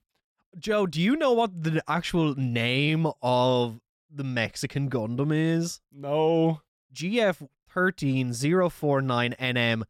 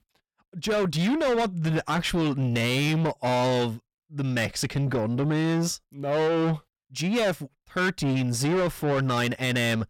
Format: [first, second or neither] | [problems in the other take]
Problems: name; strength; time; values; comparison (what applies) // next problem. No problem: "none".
first | distortion; heavy; 8 dB below the speech